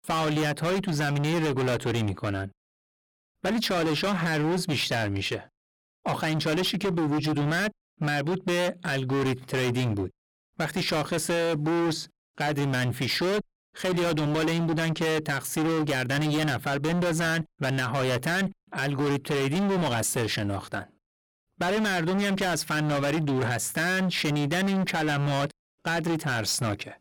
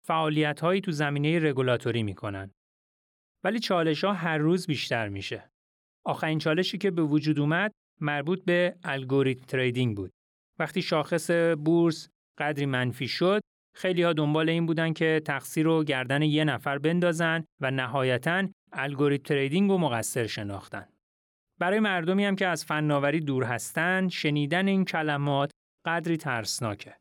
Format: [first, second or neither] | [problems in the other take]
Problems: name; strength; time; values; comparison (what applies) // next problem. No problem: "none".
second | distortion; heavy; 31% of the sound clipped